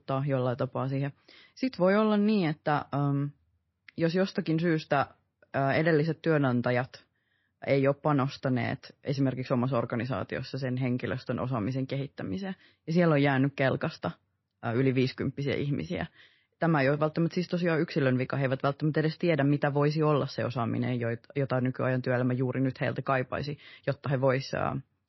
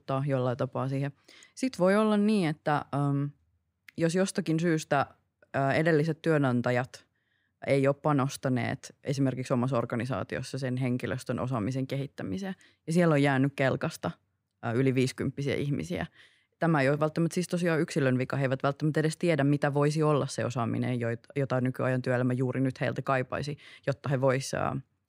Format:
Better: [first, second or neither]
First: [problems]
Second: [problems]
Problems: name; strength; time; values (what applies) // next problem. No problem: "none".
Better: second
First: garbled, watery; slightly; nothing above 5.5 kHz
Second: none